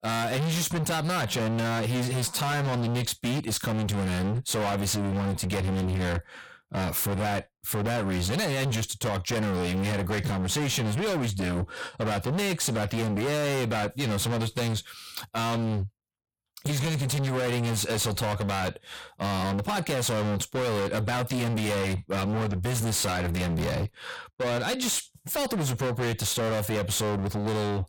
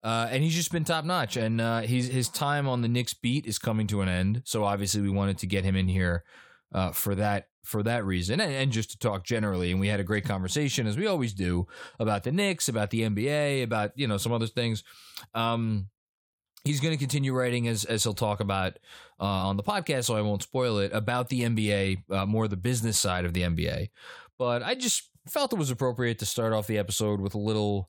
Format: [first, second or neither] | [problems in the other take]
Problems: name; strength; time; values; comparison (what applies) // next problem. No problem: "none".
second | distortion; heavy; 44% of the sound clipped